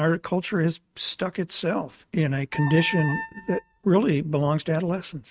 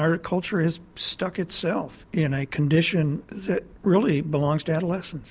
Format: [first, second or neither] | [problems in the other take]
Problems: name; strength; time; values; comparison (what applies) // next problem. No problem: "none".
second | noise reduction (neural mask model RNNoise)